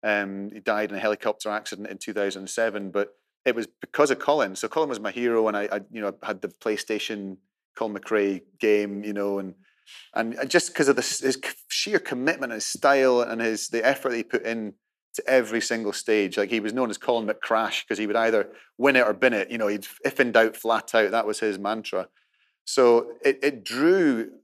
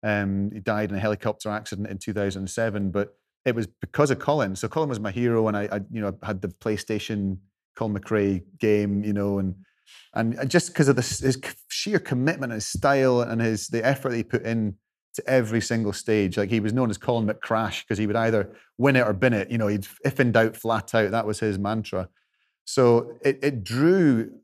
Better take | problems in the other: second | thin; somewhat; fading below 300 Hz

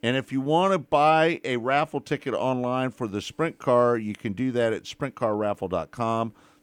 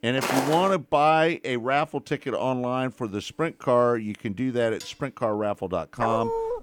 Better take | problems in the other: first | footsteps; noticeable; at the start; peak 1 dB below the speech // clattering dishes; faint; at 5 s; peak 20 dB below the speech // dog barking; noticeable; at 6 s; peak 2 dB below the speech

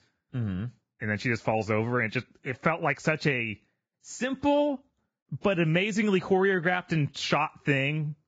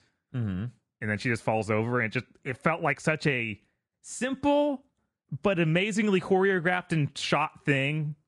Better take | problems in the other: second | garbled, watery; badly; nothing above 7.5 kHz; slightly in the second

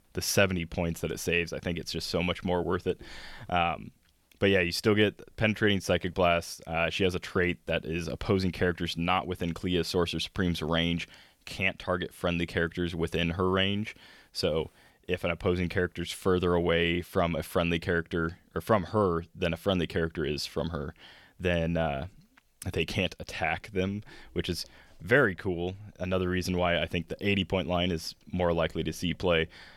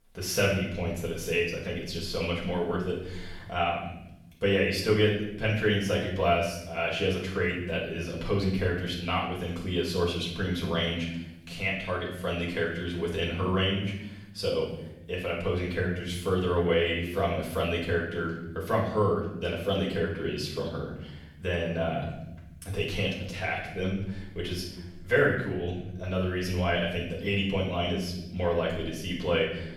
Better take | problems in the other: first | off-mic speech; far // room echo; noticeable; dies away in 0.9 s

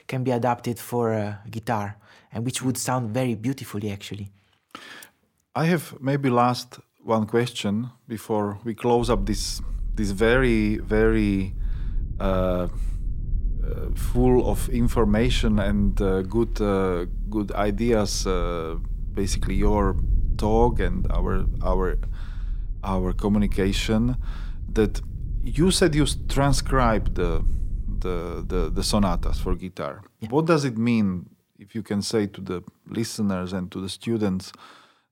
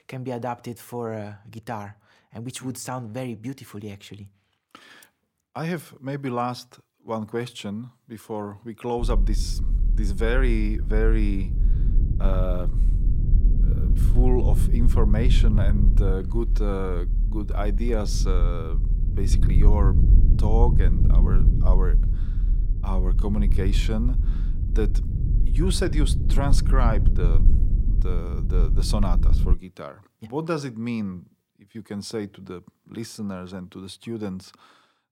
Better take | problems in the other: first | low rumble; loud; from 9 to 30 s; 8 dB below the speech; faint in the first

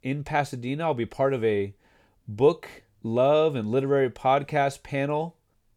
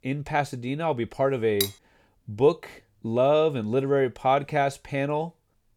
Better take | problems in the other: first | clattering dishes; noticeable; at 1.5 s; peak 4 dB below the speech

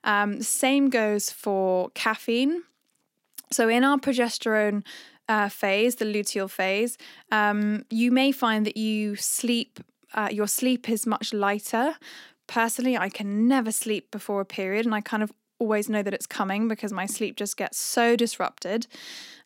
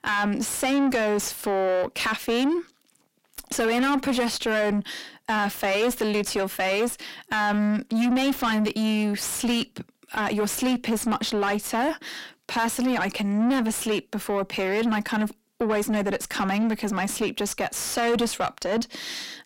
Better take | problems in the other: first | distortion; heavy; 6 dB below the speech

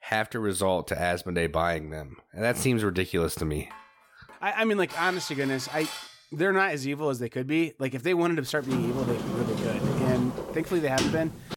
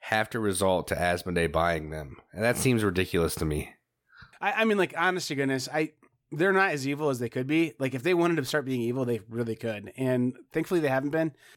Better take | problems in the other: second | clattering dishes; noticeable; from 3.5 to 6 s; peak 8 dB below the speech // door banging; loud; from 8.5 s on; peak level with the speech

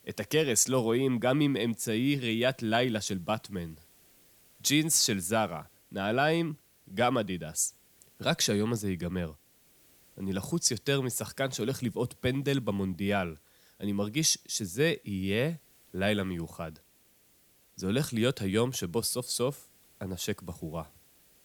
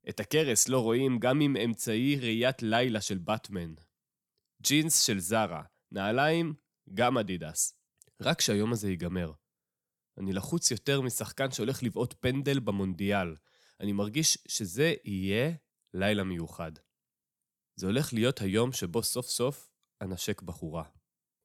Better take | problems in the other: second | hiss; faint; throughout; 30 dB below the speech

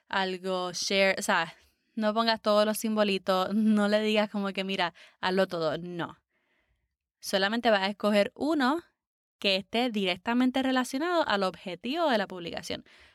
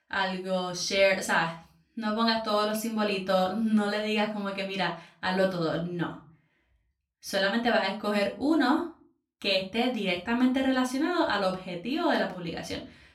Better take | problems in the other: first | off-mic speech; somewhat distant // room echo; slight; dies away in 0.3 s

